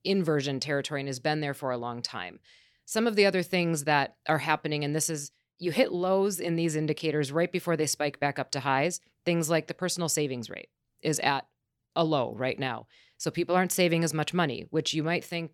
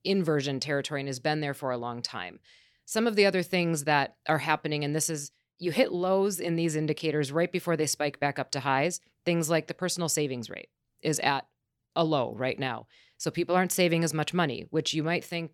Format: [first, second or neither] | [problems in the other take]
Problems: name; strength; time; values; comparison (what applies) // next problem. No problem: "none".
neither | none